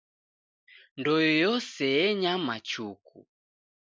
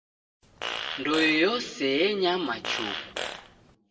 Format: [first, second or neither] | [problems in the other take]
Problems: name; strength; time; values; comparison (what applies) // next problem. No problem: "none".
first | background sound (Fart); 8 dB below the speech // room echo; dies away in 1.7 s